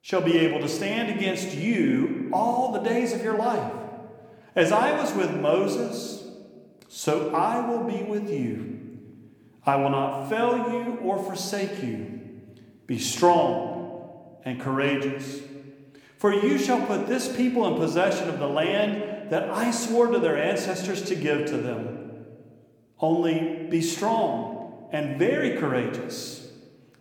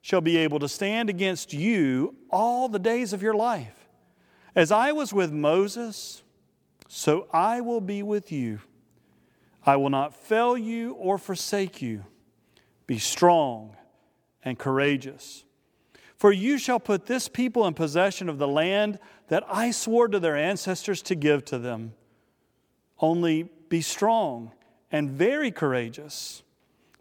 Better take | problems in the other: second | room echo; slight; dies away in 1.3 s

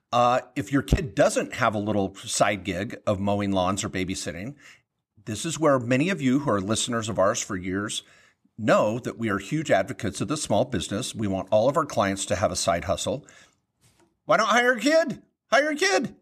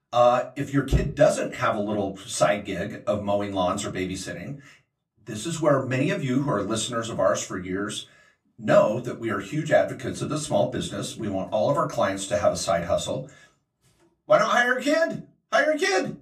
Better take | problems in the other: first | off-mic speech; far // room echo; very slight; dies away in 0.2 s

